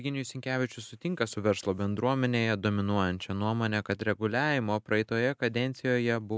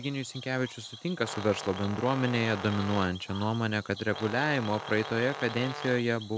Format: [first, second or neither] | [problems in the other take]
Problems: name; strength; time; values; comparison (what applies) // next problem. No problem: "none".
first | background sound (Cricket / Frog + Brass instrument); 11 dB below the speech